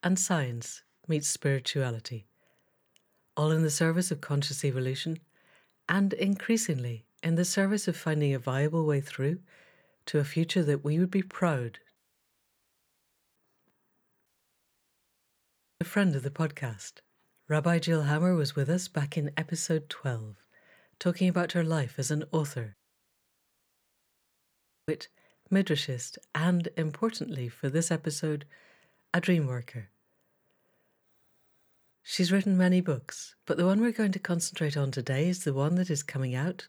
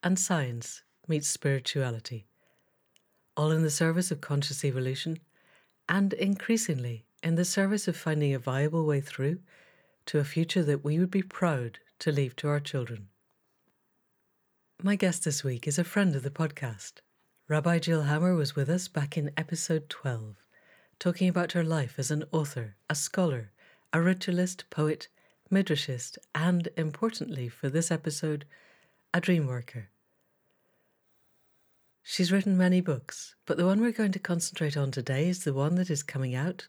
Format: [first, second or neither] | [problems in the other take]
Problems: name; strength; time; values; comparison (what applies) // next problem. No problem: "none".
second | audio cutting out; at 12 s for 1.5 s, at 14 s for 1.5 s and at 23 s for 2 s